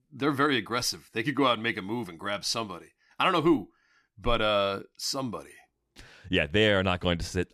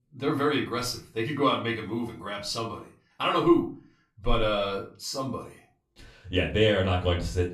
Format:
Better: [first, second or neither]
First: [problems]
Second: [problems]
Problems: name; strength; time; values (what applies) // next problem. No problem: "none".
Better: first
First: none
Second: off-mic speech; far // room echo; slight; dies away in 0.3 s